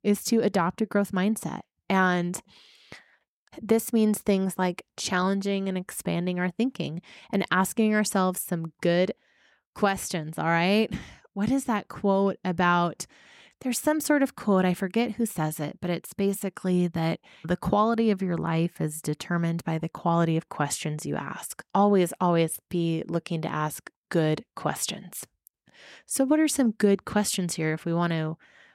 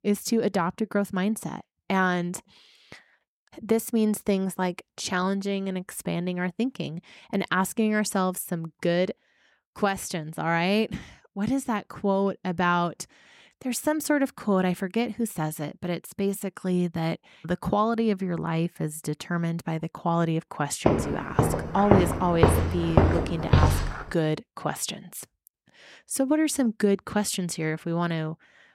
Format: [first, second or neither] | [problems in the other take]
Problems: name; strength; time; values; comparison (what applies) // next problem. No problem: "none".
first | footsteps; loud; from 21 to 24 s; peak 6 dB above the speech